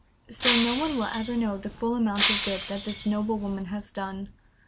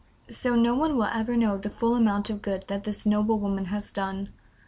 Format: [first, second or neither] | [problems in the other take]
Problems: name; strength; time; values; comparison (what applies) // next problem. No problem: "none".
second | background sound (Shatter); 2 dB below the speech